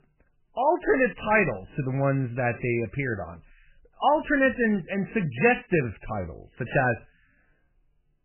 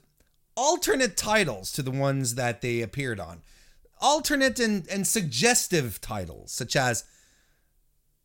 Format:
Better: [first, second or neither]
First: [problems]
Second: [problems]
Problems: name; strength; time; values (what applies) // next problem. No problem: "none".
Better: second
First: garbled, watery; badly; nothing above 2.5 kHz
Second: none